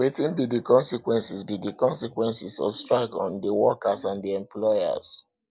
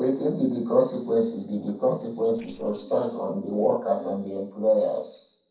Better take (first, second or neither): first